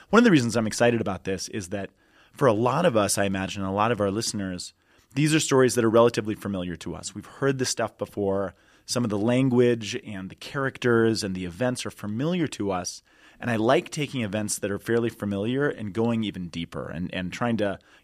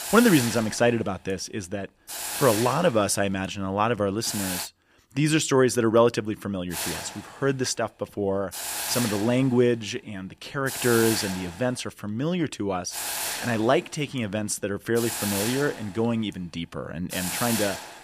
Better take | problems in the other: first | hiss; loud; until 4.5 s, from 6.5 to 12 s and from 13 s on; 5 dB below the speech

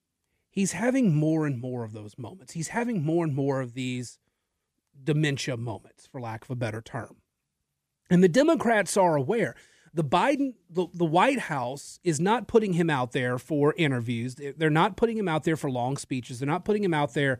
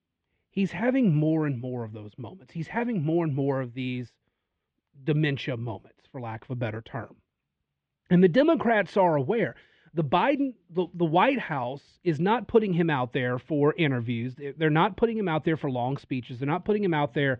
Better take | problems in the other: first | muffled; very; fading above 3.5 kHz

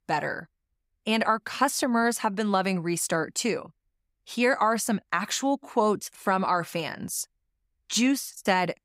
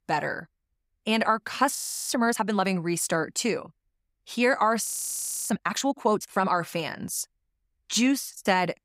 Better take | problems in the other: first | audio freezing; at 2 s and at 5 s for 0.5 s

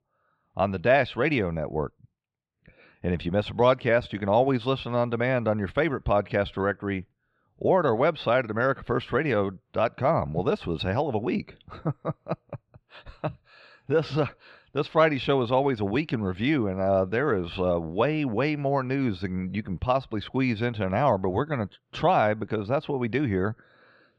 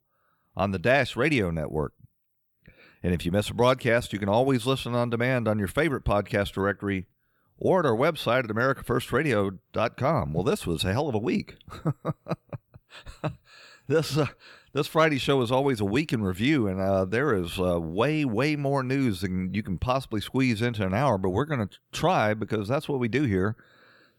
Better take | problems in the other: second | muffled; slightly; fading above 4 kHz

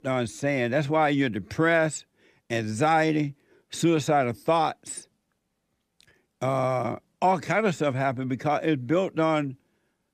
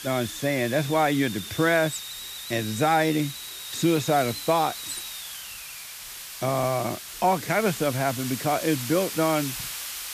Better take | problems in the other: first | hiss; loud; throughout; 9 dB below the speech

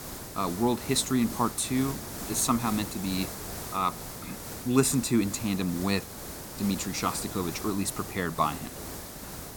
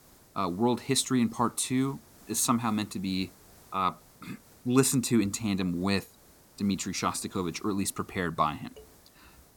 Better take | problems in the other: second | hiss; loud; throughout; 9 dB below the speech; faint in the second

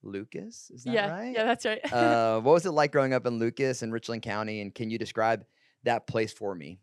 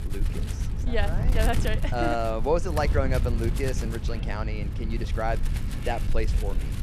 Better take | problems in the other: first | wind noise on the microphone; occasional gusts; 10 dB below the speech

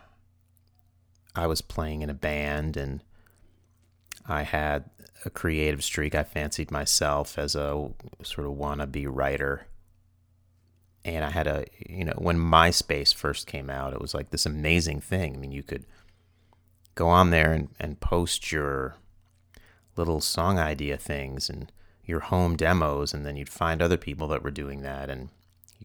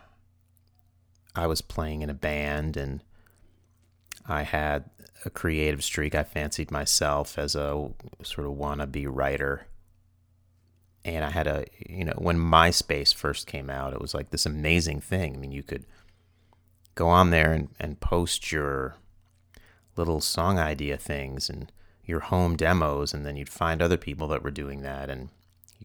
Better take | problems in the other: neither | none

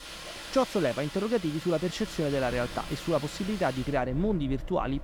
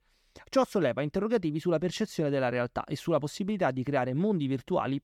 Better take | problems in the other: second | wind in the background; noticeable; throughout; 10 dB below the speech

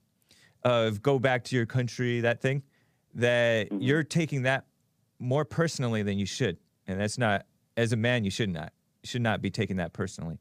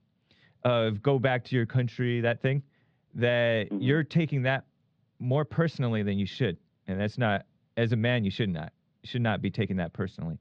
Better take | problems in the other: first | muffled; slightly; fading above 3.5 kHz

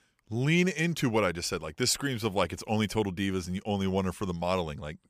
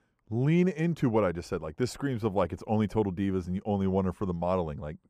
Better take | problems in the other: first | muffled; slightly; fading above 1.5 kHz

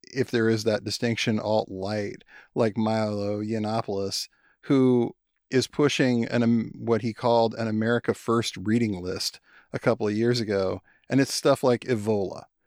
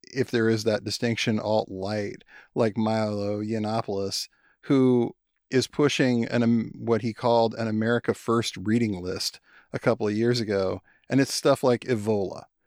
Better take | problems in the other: neither | none

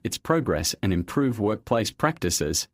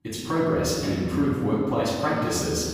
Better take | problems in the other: first | off-mic speech; far // room echo; strong; dies away in 1.8 s

